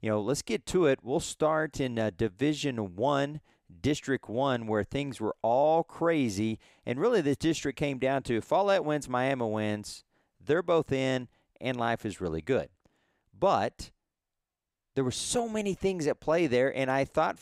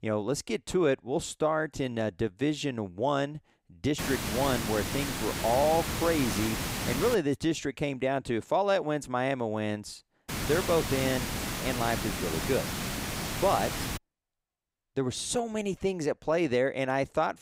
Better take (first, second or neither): first